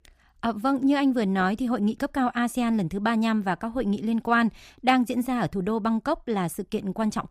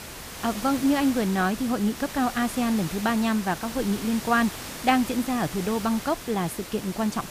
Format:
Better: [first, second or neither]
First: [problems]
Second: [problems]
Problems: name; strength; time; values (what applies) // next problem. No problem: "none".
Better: first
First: none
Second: hiss; noticeable; throughout; 10 dB below the speech